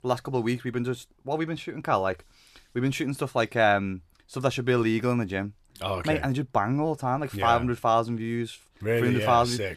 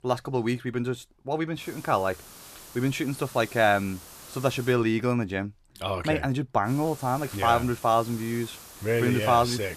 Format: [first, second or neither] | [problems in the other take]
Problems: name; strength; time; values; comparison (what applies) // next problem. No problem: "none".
first | hiss; noticeable; from 1.5 to 4.5 s and from 6.5 s on; 15 dB below the speech